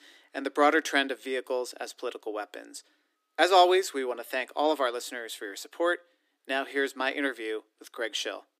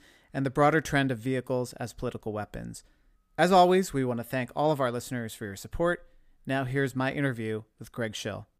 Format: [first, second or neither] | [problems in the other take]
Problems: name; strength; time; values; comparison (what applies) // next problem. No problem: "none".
second | thin; somewhat; fading below 300 Hz